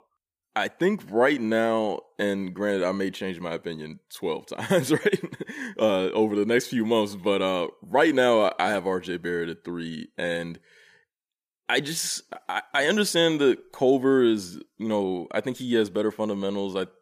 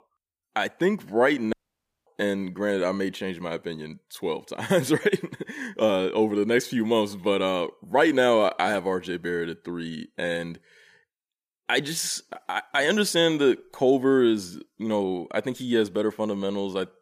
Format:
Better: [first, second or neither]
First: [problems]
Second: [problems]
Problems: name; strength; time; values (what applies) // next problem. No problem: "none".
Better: first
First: none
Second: audio cutting out; at 1.5 s for 0.5 s